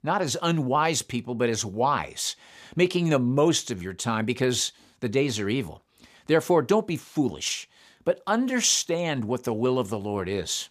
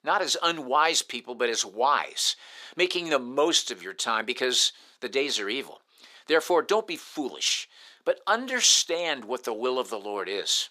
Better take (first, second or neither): first